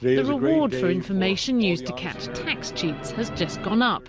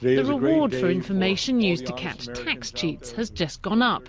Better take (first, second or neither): second